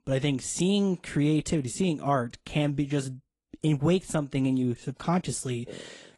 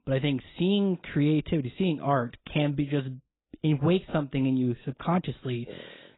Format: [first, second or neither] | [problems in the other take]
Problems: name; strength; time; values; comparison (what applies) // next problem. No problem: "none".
first | garbled, watery; badly; nothing above 4 kHz; slightly in the first